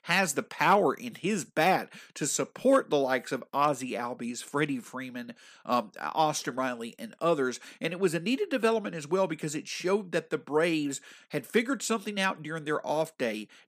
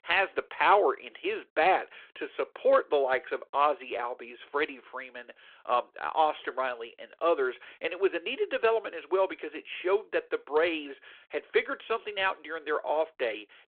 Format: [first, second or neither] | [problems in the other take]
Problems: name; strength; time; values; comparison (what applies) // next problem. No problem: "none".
first | phone-call audio